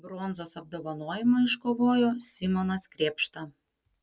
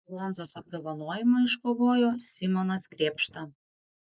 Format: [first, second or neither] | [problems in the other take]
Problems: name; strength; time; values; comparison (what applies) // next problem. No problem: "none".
first | noise reduction (neural mask model Resemble Enhance denoiser)